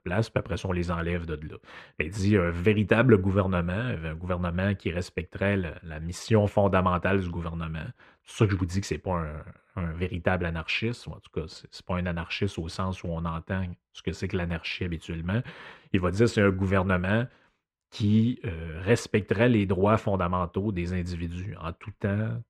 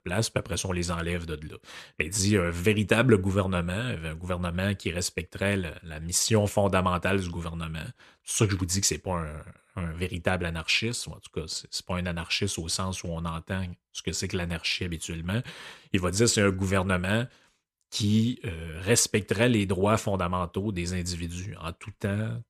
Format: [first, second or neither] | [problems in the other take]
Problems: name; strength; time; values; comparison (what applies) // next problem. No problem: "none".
second | muffled; slightly; fading above 4 kHz